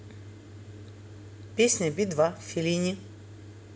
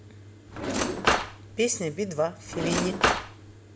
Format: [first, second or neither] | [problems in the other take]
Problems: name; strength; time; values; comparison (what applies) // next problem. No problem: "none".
first | background sound (Cutlery, silverware / Drawer open or close); 4 dB above the speech